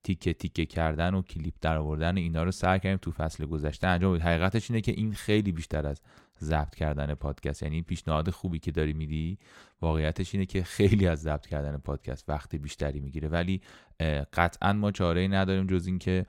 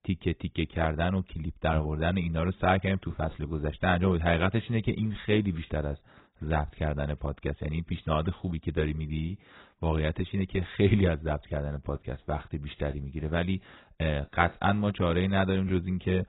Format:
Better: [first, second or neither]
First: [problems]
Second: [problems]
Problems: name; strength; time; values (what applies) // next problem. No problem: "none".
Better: first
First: none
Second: garbled, watery; badly; nothing above 4 kHz